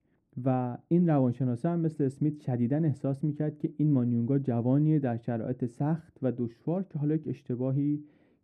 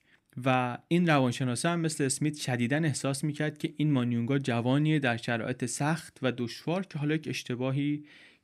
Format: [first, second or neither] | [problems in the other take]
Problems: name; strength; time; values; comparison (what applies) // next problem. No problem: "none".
second | muffled; very; fading above 1.5 kHz